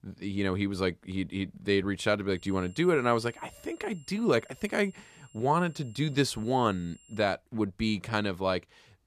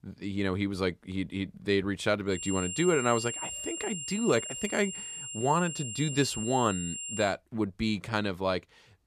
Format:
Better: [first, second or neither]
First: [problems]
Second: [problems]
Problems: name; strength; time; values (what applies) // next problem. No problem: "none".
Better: first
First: high-pitched whine; faint; from 2.5 to 7.5 s; 7.5 kHz, 25 dB below the speech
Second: high-pitched whine; loud; from 2.5 to 7.5 s; 7.5 kHz, 6 dB below the speech